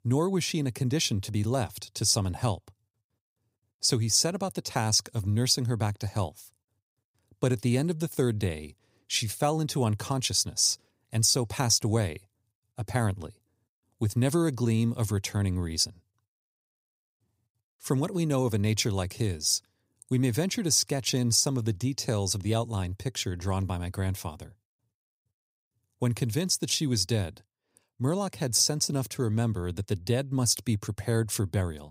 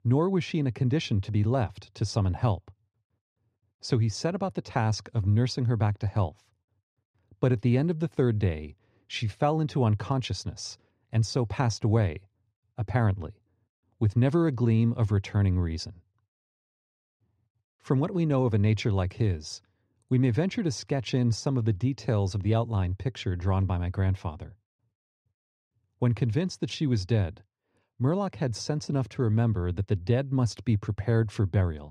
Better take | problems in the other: first | muffled; slightly; fading above 2.5 kHz

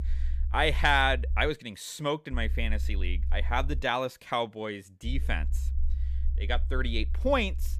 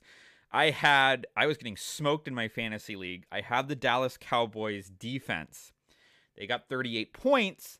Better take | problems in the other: second | low rumble; faint; until 1.5 s, from 2.5 to 4 s and from 5 s on; 25 dB below the speech

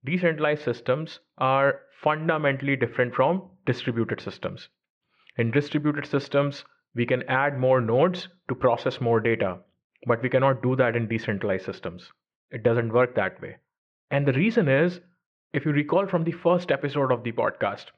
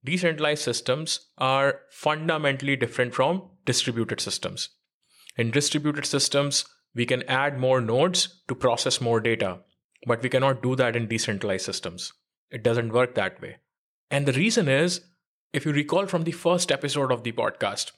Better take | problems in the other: second | muffled; very; fading above 2 kHz

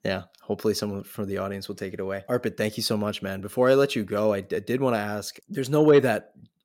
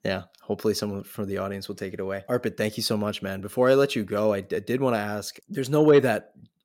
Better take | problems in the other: neither | none

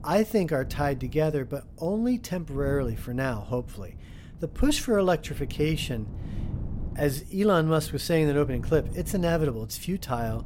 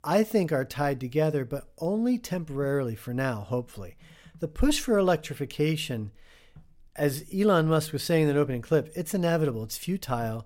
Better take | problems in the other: second | wind noise on the microphone; occasional gusts; 20 dB below the speech

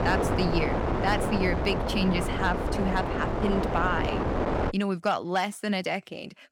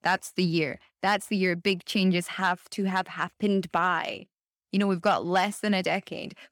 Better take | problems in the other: second | wind noise on the microphone; heavy; until 4.5 s; 1 dB below the speech

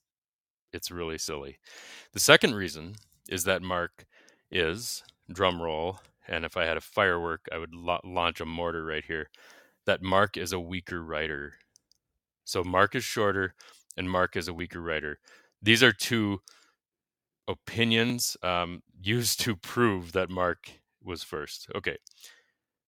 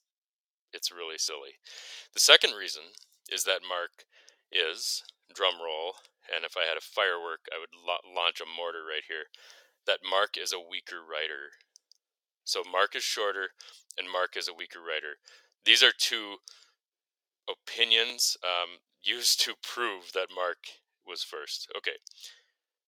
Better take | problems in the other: first | thin; very; fading below 450 Hz

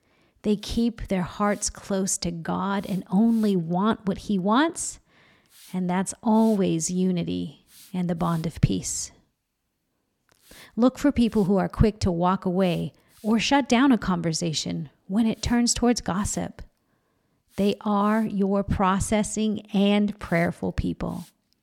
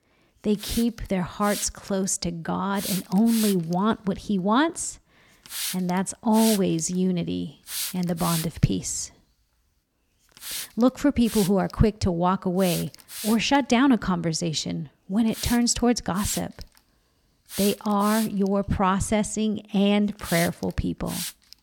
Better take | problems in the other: first | hiss; loud; throughout; 8 dB below the speech; faint in the first

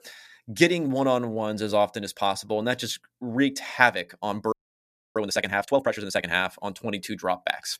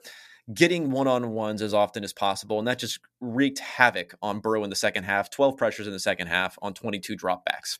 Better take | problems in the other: second | audio freezing; at 4.5 s for 0.5 s

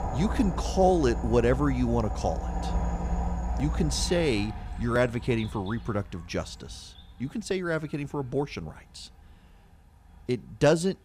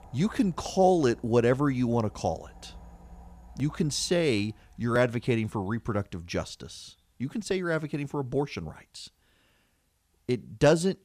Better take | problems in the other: second | animal sounds; loud; throughout; 6 dB below the speech; faint in the second

